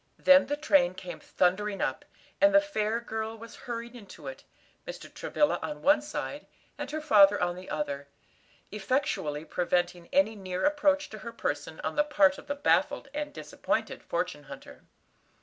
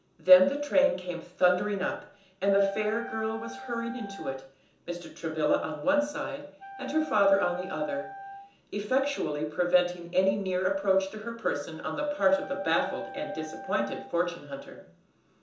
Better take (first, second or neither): first